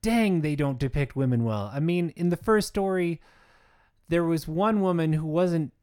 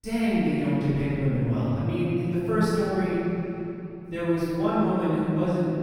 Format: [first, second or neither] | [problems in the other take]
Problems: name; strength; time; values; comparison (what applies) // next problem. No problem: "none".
first | room echo; strong; dies away in 2.9 s // off-mic speech; far